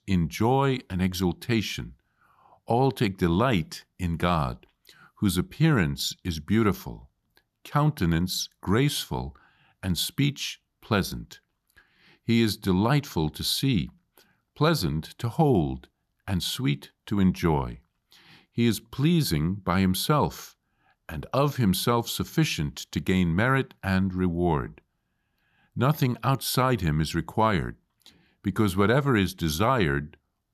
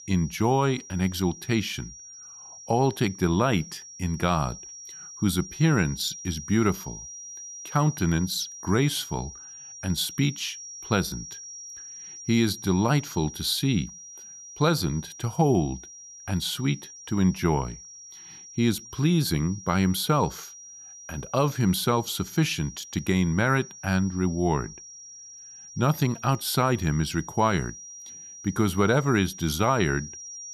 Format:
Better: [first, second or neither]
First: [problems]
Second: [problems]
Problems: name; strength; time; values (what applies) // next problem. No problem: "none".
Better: first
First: none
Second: high-pitched whine; noticeable; throughout; 5.5 kHz, 15 dB below the speech